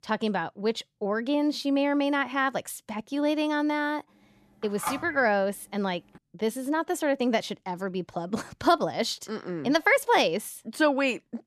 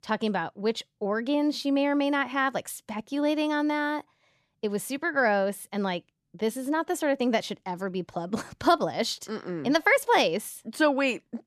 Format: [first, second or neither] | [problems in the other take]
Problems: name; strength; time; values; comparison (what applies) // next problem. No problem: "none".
second | phone ringing; noticeable; at 5 s; peak 7 dB below the speech